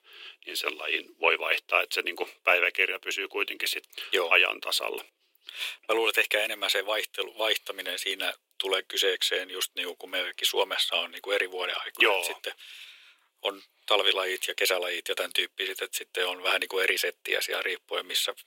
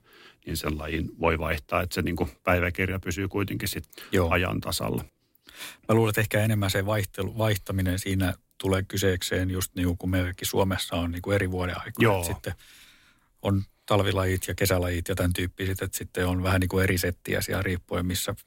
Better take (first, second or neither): second